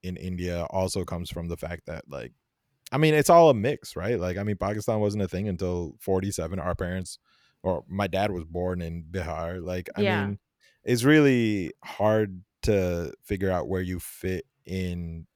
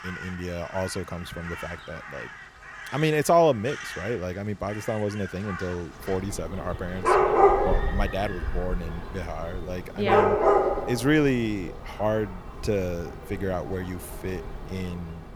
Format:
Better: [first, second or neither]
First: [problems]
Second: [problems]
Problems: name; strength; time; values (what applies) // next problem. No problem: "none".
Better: first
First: none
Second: animal sounds; very loud; throughout; 2 dB above the speech